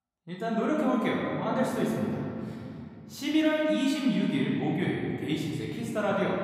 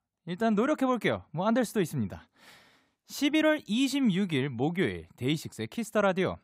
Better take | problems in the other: second | room echo; noticeable; dies away in 2.6 s // off-mic speech; far

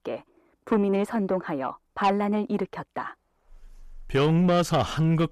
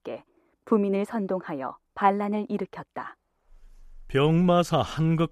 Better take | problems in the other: second | distortion; slight; 10 dB below the speech

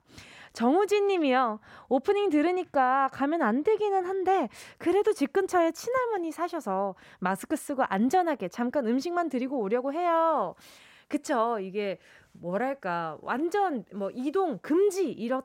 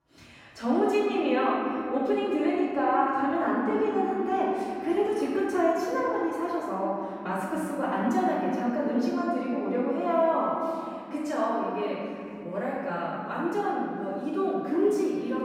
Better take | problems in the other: first | off-mic speech; far // room echo; strong; dies away in 3 s

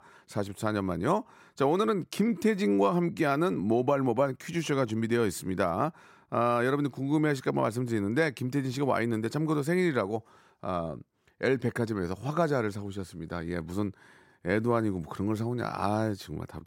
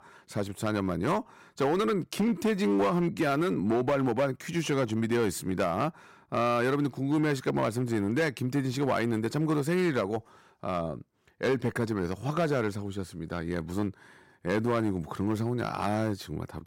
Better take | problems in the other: first | distortion; slight; 7% of the sound clipped

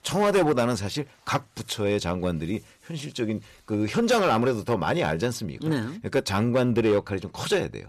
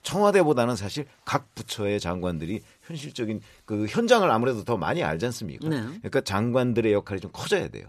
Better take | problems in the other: second | distortion; slight; 5% of the sound clipped

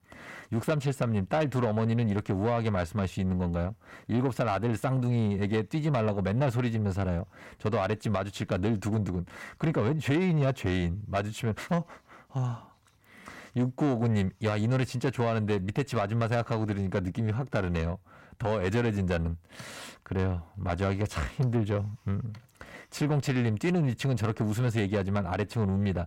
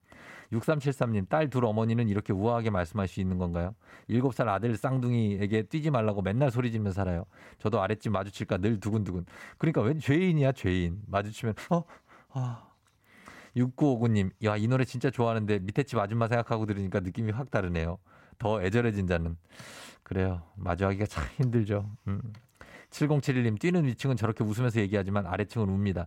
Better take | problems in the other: second | distortion; slight; 10 dB below the speech

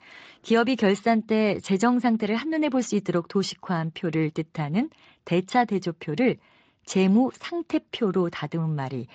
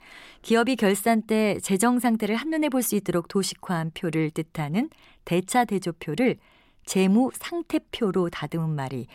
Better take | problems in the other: second | garbled, watery; slightly; nothing above 7.5 kHz

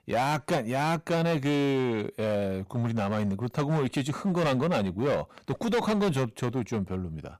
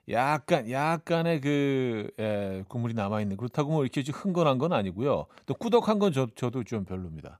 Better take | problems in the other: second | distortion; heavy; 15% of the sound clipped

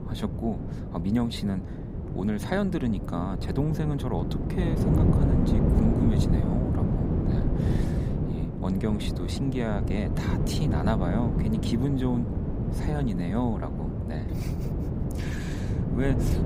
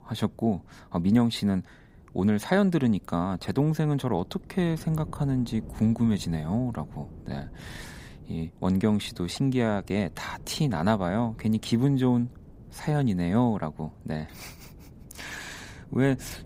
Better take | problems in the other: second | wind noise on the microphone; heavy; 2 dB below the speech; occasional gusts in the second

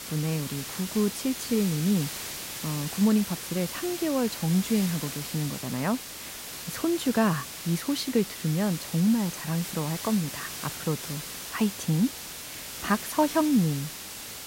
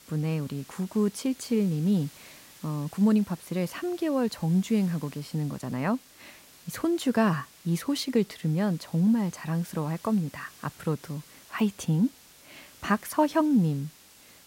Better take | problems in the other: second | hiss; loud; throughout; 7 dB below the speech; faint in the second

